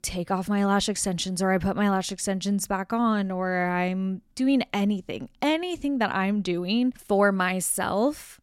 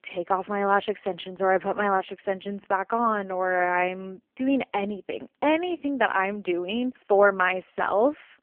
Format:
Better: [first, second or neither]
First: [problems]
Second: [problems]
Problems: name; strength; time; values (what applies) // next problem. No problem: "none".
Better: first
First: none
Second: phone-call audio; poor line